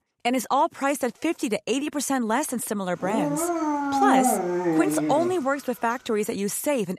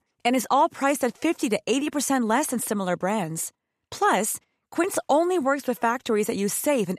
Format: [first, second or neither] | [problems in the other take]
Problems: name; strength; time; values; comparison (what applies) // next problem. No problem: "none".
second | dog barking; loud; from 3 to 5.5 s; peak 5 dB above the speech